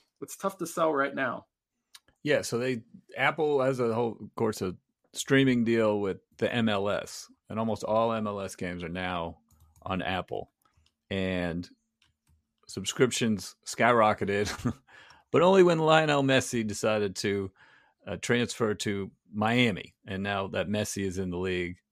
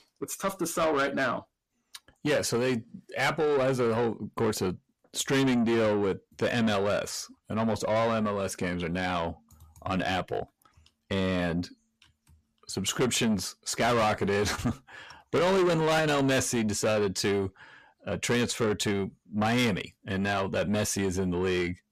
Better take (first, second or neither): first